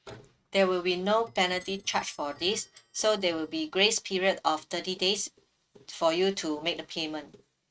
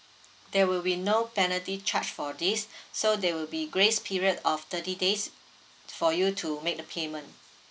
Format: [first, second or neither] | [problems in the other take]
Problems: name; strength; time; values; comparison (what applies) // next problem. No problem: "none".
second | noise reduction (neural mask model RNNoise)